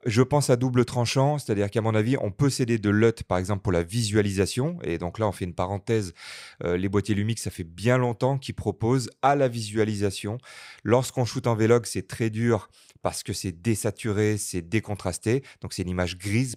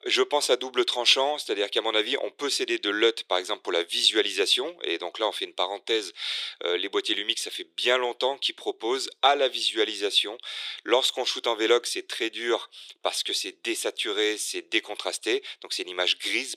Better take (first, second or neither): first